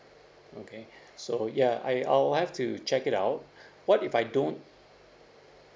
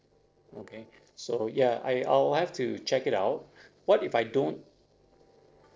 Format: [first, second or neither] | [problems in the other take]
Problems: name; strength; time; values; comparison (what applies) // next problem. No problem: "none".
first | noise reduction (neural separator model SepFormer DNS4)